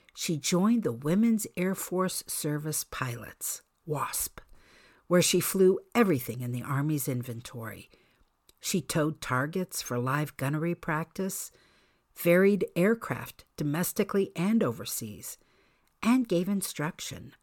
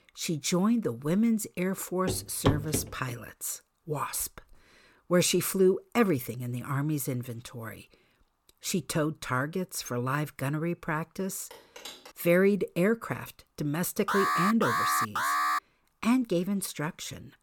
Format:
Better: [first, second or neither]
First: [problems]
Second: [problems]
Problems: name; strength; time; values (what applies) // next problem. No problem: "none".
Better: first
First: none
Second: footsteps; loud; at 2 s; peak 1 dB above the speech // phone ringing; faint; at 12 s; peak 15 dB below the speech // alarm; loud; from 14 to 16 s; peak 3 dB above the speech